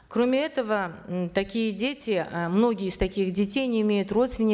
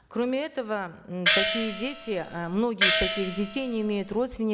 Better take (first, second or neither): first